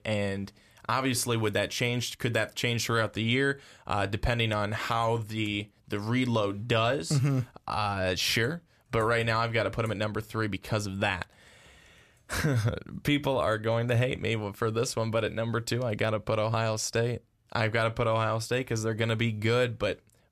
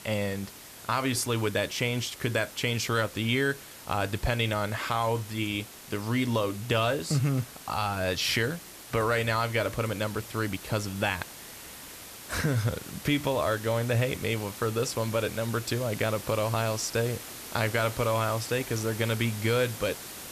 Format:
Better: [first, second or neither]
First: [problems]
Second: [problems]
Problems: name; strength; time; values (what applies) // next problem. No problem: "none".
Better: first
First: none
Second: hiss; noticeable; throughout; 15 dB below the speech